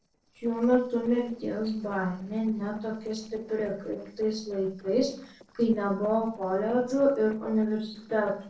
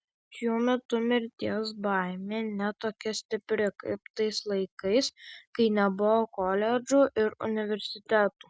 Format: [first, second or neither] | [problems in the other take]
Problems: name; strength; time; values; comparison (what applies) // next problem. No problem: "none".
second | noise reduction (neural separator model SepFormer DNS4)